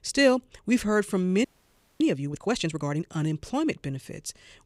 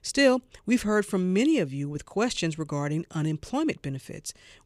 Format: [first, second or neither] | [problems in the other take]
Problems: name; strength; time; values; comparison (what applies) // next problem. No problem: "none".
second | audio freezing; at 1.5 s for 0.5 s